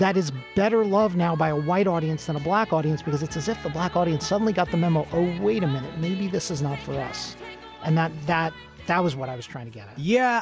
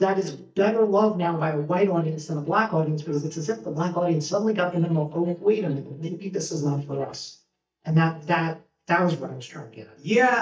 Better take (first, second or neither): first